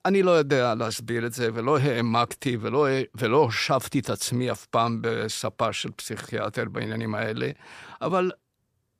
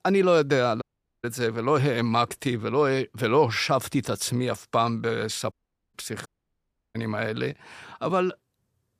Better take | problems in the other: first | audio cutting out; at 1 s, at 5.5 s and at 6.5 s for 0.5 s

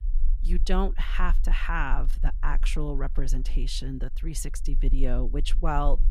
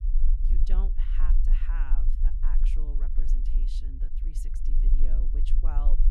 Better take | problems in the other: first | low rumble; loud; throughout; 5 dB below the speech; faint in the first

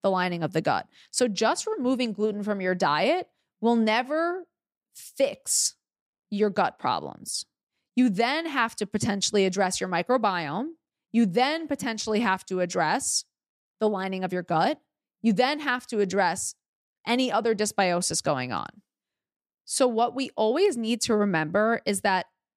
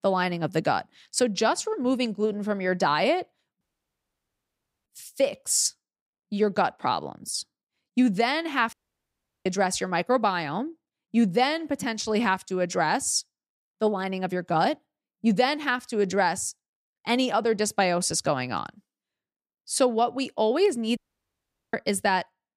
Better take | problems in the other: first | audio cutting out; at 3.5 s for 1.5 s, at 8.5 s for 0.5 s and at 21 s for 1 s

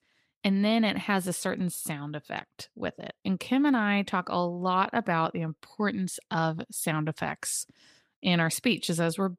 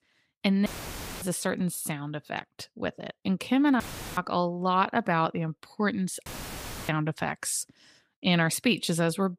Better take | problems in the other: first | audio cutting out; filled with static; at 0.5 s for 0.5 s, at 4 s and at 6.5 s for 0.5 s

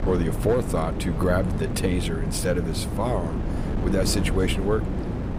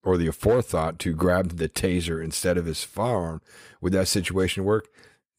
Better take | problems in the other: second | wind noise on the microphone; heavy; 7 dB below the speech

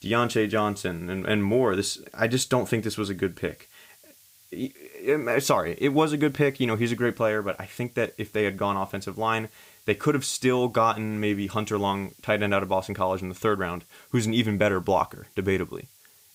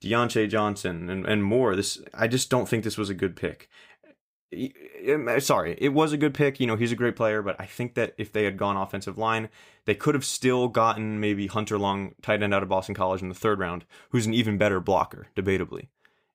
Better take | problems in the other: second | hiss; faint; throughout; 25 dB below the speech

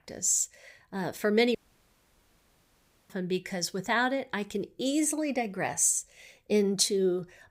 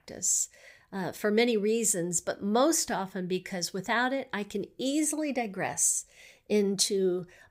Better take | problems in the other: second | audio cutting out; at 1.5 s for 1.5 s

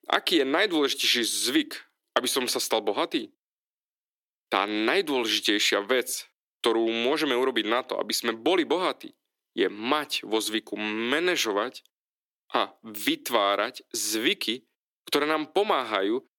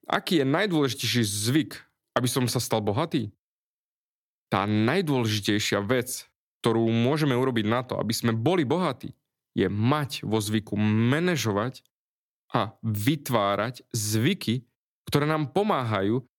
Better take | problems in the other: second | thin; somewhat; fading below 350 Hz

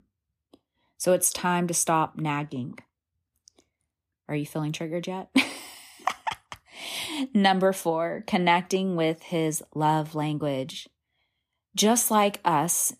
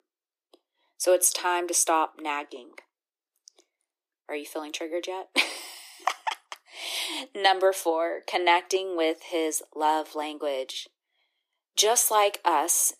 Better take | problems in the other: first | thin; very; fading below 350 Hz

